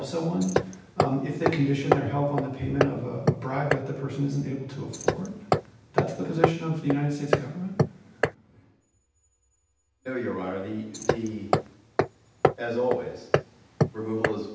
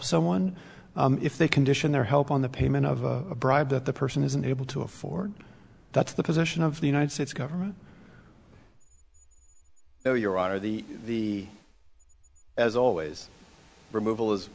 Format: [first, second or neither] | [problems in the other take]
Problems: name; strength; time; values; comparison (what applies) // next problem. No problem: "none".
second | background sound (Hammer); 2 dB above the speech // room echo; dies away in 0.9 s